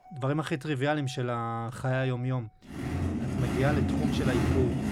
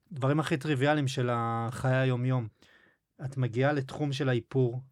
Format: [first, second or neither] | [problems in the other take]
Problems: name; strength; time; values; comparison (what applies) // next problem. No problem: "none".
second | traffic noise; very loud; throughout; 1 dB above the speech